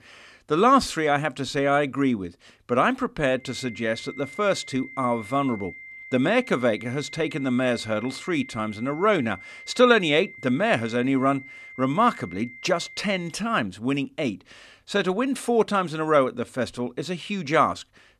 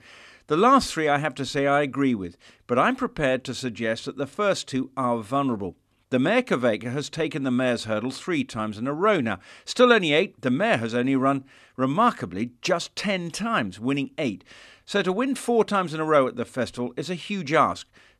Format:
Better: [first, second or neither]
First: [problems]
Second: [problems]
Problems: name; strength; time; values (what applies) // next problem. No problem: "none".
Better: second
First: high-pitched whine; noticeable; from 3.5 to 13 s; 2 kHz, 15 dB below the speech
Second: none